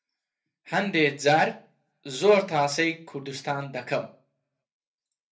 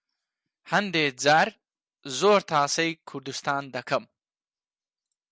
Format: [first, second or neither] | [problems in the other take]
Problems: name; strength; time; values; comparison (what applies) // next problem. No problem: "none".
second | room echo; dies away in 0.3 s